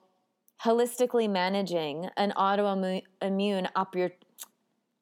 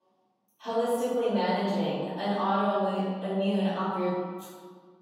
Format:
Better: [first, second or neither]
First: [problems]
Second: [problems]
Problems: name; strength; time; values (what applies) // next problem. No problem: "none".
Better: first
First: none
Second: off-mic speech; far // room echo; strong; dies away in 1.5 s